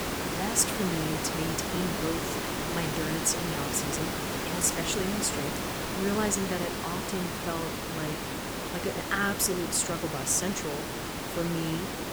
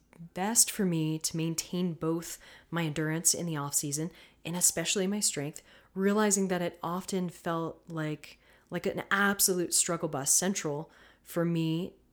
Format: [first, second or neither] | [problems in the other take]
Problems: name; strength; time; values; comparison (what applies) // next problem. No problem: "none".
second | hiss; loud; throughout; 1 dB below the speech